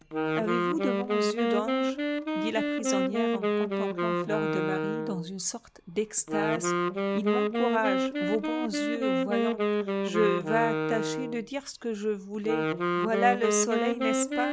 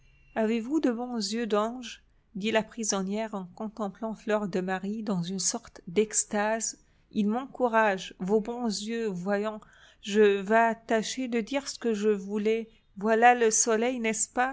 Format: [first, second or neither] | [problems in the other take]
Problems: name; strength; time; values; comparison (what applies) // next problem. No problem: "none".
second | background sound (Wind instrument, woodwind instrument); 3 dB above the speech